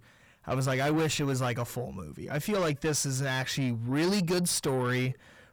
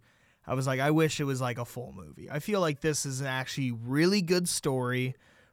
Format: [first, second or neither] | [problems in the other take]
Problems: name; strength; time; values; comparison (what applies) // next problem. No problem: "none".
second | distortion; heavy; 8 dB below the speech